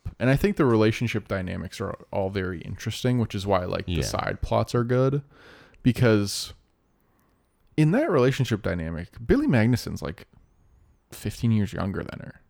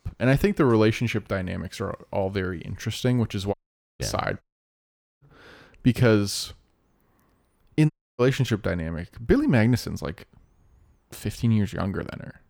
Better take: first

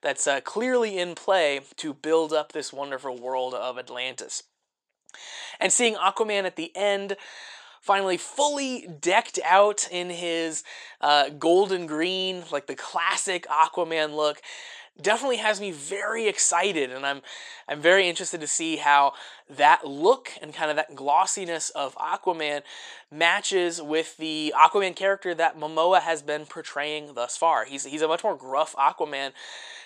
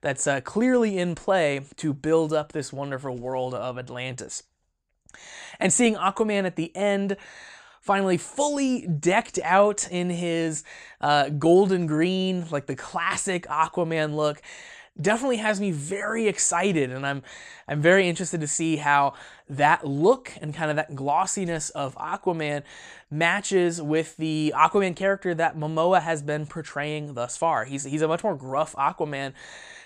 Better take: second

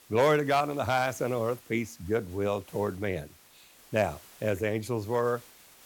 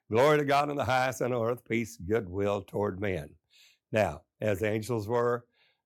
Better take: second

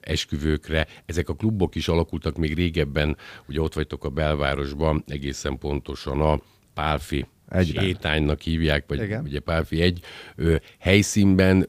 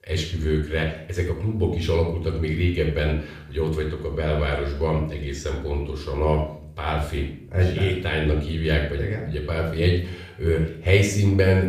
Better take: first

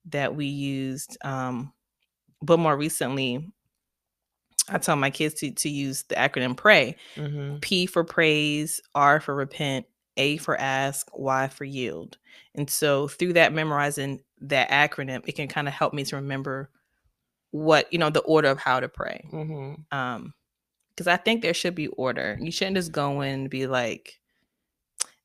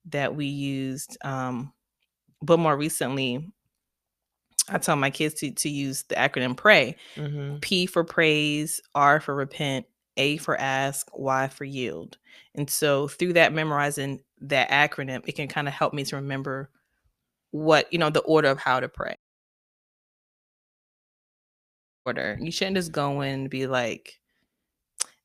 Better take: first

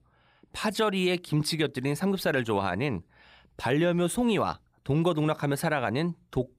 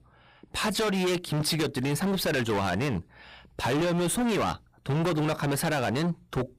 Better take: first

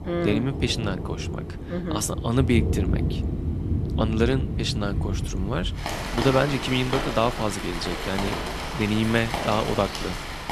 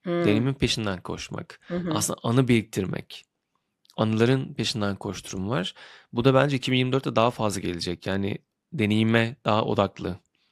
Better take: second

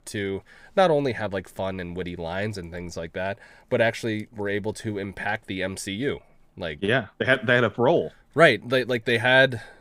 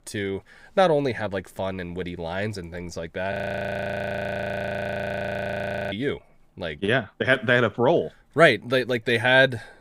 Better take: first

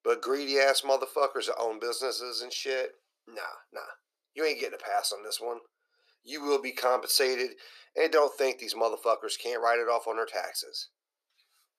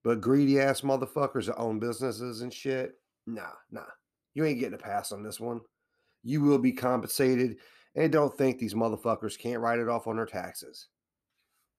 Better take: second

